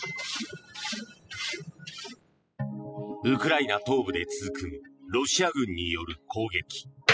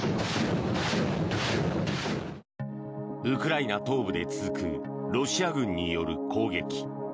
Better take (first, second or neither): second